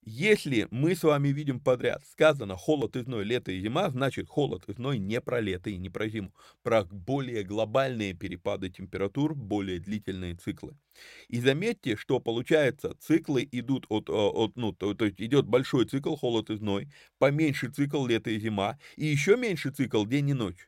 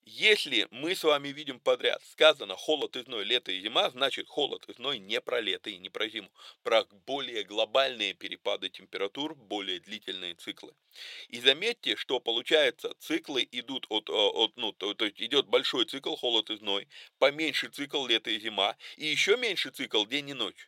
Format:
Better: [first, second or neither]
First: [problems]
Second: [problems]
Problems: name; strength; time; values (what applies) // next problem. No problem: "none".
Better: first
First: none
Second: thin; somewhat; fading below 550 Hz